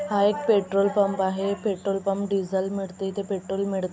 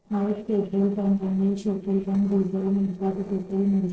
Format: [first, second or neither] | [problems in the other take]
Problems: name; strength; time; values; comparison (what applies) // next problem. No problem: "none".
first | noise reduction (neural separator model SepFormer DNS4)